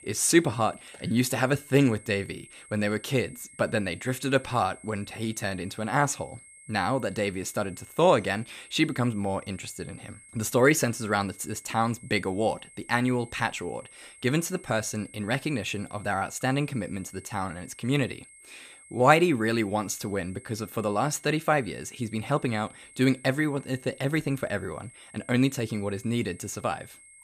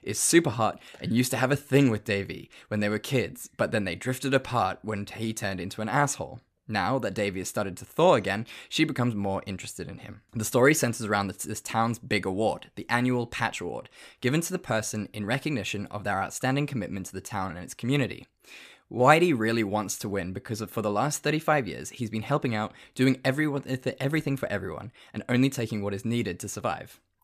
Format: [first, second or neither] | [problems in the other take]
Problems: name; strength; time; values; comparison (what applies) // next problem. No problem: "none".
second | high-pitched whine; faint; throughout; 8.5 kHz, 20 dB below the speech